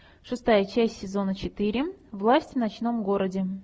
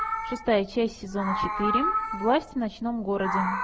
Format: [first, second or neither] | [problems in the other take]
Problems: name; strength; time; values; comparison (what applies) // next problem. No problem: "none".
first | background sound (Meow); 2 dB below the speech